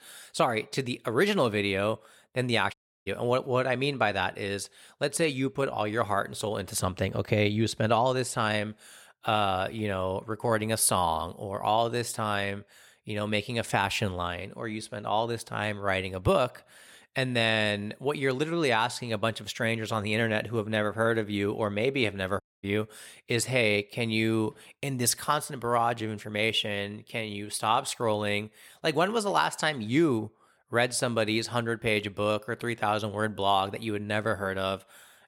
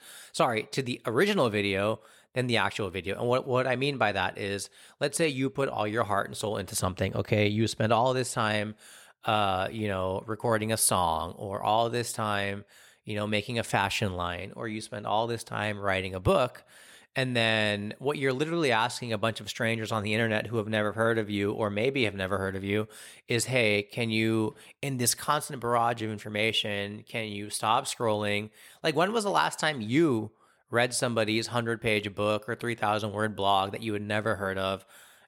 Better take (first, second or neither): second